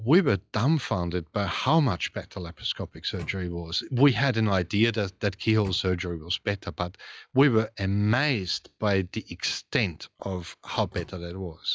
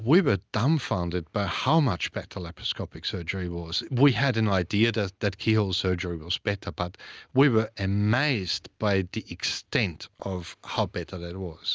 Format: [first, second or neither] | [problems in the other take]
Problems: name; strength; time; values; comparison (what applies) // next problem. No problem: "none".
second | noise reduction (classical method log-MMSE)